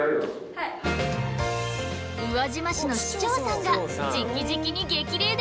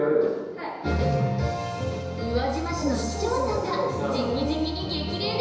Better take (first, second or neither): first